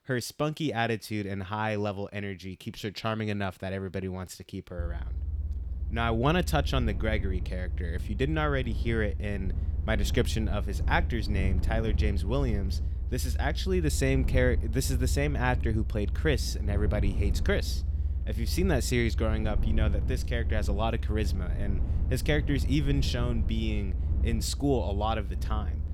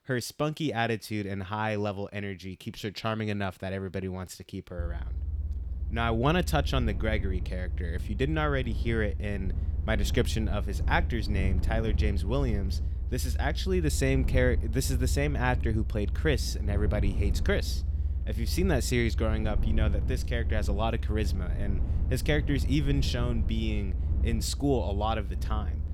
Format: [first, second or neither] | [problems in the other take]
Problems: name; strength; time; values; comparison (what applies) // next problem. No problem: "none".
neither | low rumble; noticeable; from 5 s on; 15 dB below the speech; the same in both